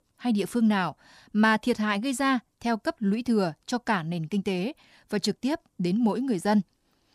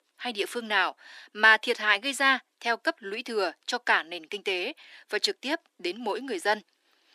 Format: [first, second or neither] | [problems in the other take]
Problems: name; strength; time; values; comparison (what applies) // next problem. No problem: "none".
first | thin; very; fading below 300 Hz